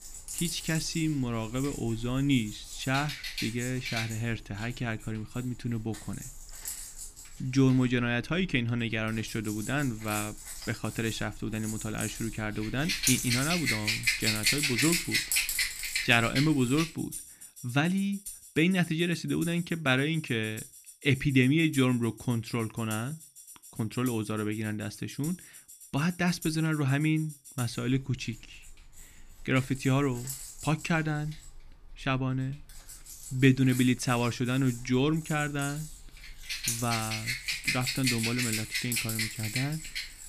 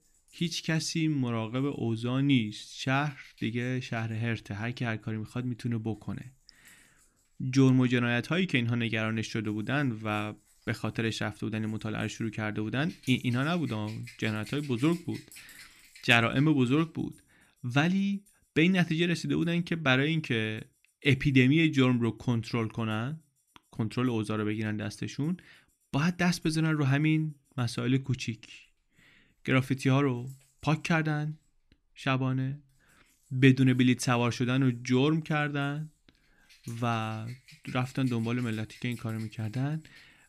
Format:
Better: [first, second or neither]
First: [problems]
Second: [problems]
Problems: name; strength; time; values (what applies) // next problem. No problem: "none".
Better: second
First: background music; loud; throughout; 3 dB below the speech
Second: background music; faint; throughout; 25 dB below the speech